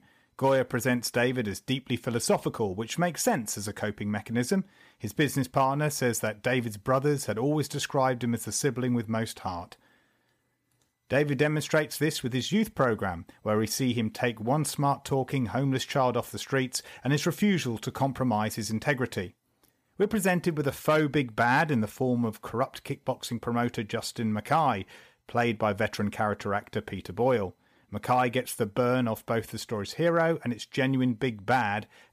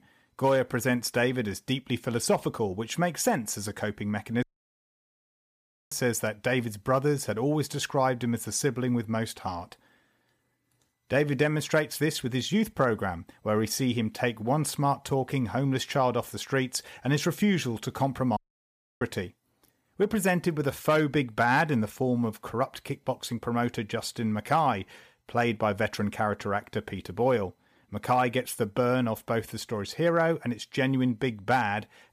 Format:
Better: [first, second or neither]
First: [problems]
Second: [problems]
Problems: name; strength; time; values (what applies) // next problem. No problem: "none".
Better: first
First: none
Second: audio cutting out; at 4.5 s for 1.5 s and at 18 s for 0.5 s